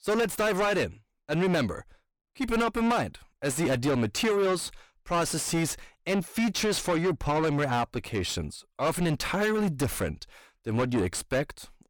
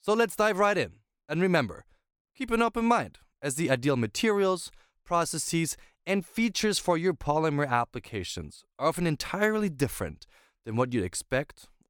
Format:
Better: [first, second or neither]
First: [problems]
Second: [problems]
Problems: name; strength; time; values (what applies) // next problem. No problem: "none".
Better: second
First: distortion; heavy; 5 dB below the speech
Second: none